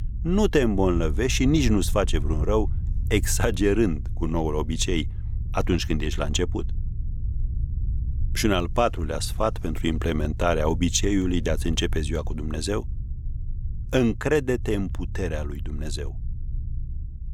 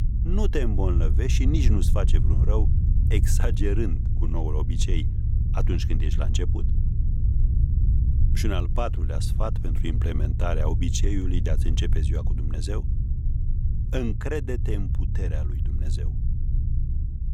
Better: first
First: low rumble; faint; throughout; 20 dB below the speech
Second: low rumble; loud; throughout; 7 dB below the speech

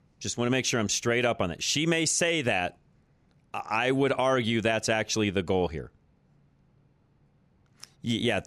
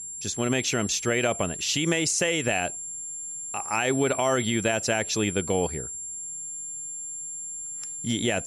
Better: first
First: none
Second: high-pitched whine; loud; throughout; 7.5 kHz, 7 dB below the speech

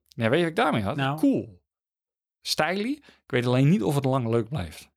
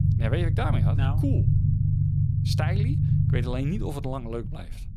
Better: first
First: none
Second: low rumble; loud; throughout; 2 dB below the speech

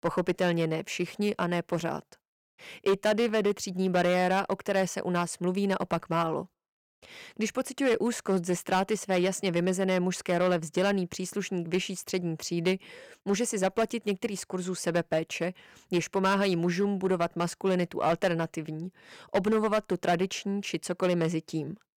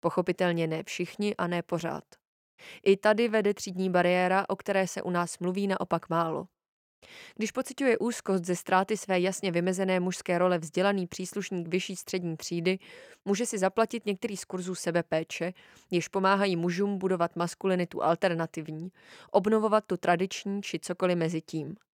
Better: second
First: distortion; slight; 5% of the sound clipped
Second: none

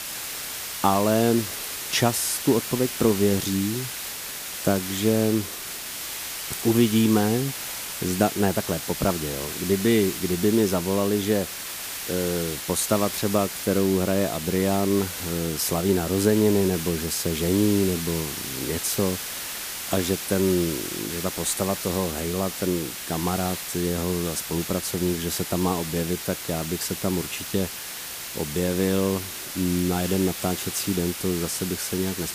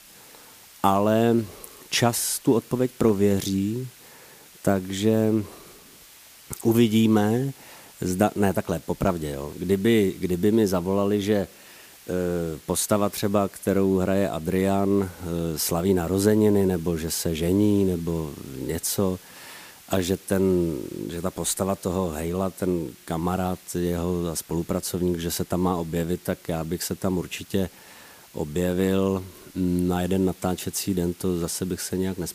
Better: second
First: hiss; loud; throughout; 6 dB below the speech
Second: hiss; faint; throughout; 20 dB below the speech

